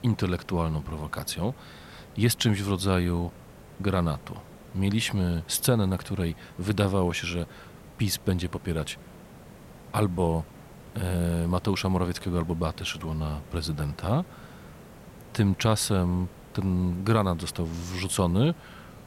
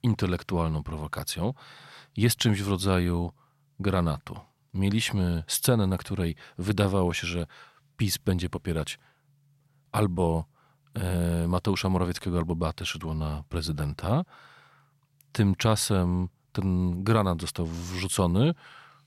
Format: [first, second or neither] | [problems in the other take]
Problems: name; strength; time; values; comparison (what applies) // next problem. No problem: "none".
second | hiss; faint; throughout; 20 dB below the speech